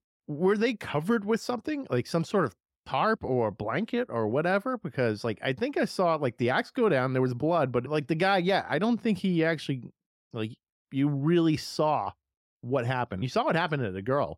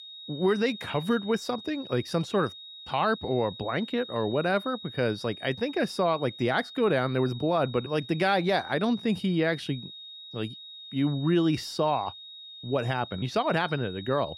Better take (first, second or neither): first